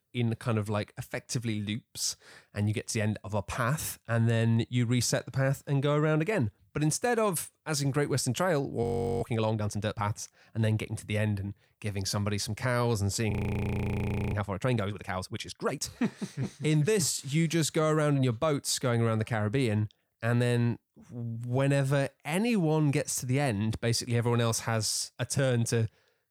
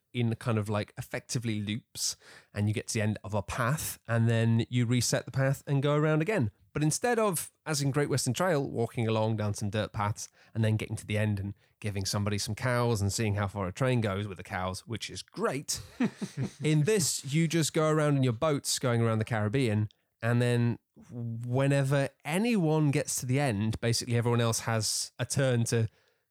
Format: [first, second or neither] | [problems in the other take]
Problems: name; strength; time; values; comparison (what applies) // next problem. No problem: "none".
second | audio freezing; at 9 s and at 13 s for 1 s